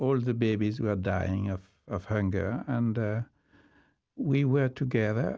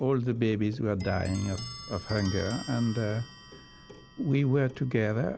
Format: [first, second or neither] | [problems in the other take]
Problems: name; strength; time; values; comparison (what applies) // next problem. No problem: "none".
first | background sound (Clock); 15 dB below the speech